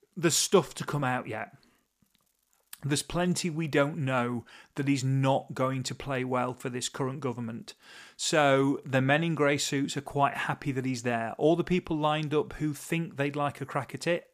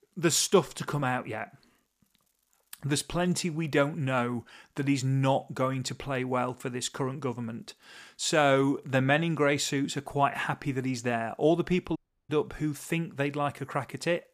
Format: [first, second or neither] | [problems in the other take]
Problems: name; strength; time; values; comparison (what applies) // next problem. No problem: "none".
first | audio cutting out; at 12 s